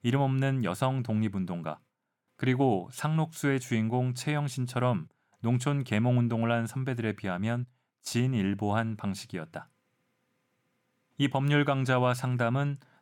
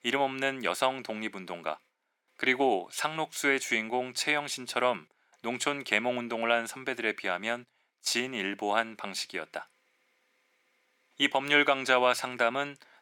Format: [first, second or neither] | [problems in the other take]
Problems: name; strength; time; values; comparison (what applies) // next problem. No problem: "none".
first | thin; somewhat; fading below 350 Hz